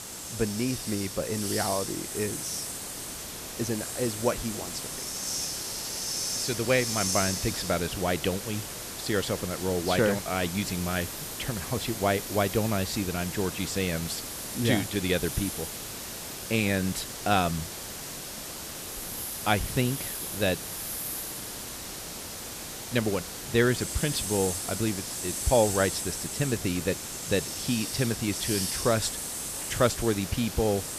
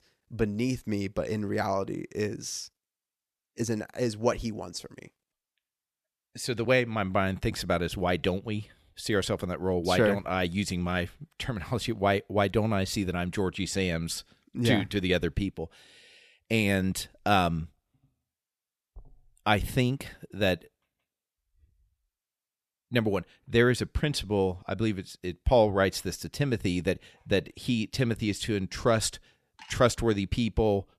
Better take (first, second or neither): second